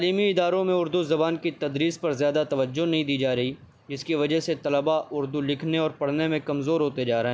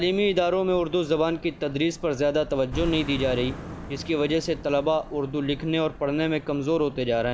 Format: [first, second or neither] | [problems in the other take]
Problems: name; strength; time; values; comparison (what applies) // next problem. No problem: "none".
first | background sound (Car passing by); 14 dB below the speech